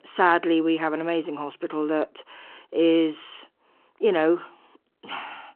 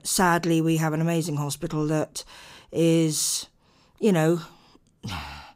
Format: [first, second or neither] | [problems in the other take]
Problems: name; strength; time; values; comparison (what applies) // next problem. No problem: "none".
second | phone-call audio